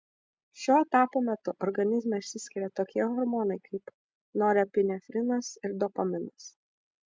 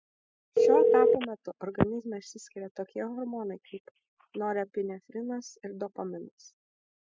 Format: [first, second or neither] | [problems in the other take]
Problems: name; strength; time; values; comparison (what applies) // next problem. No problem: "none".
first | noise reduction (classical method spectral subtraction)